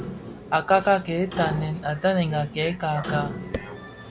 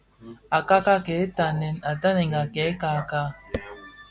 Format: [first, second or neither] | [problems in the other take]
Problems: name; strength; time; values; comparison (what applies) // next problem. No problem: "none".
second | background sound (Clock); 11 dB below the speech